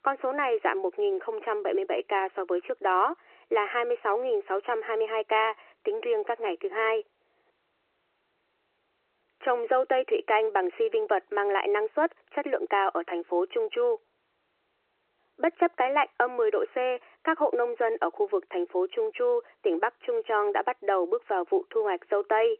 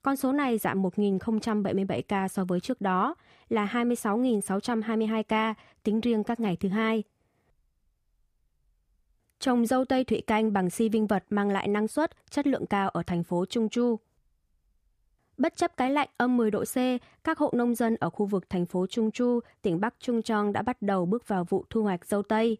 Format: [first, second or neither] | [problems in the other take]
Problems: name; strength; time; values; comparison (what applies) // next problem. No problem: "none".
second | phone-call audio